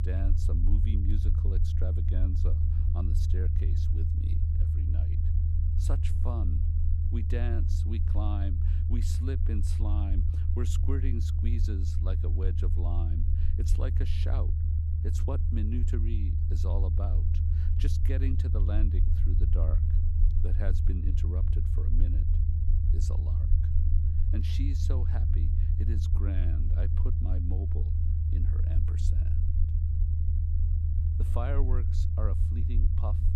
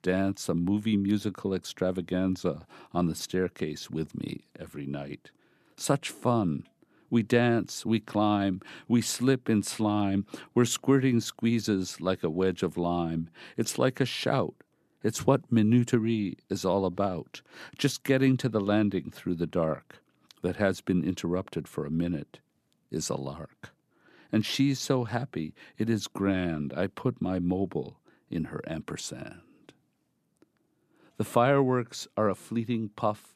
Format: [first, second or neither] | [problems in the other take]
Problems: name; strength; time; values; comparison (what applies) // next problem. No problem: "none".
second | low rumble; loud; throughout; 1 dB below the speech